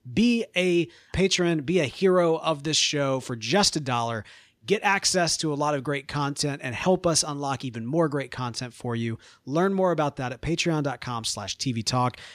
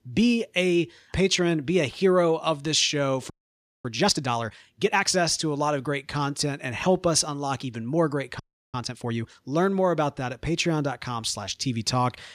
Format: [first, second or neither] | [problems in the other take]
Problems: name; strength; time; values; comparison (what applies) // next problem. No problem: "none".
first | audio freezing; at 3.5 s for 0.5 s and at 8.5 s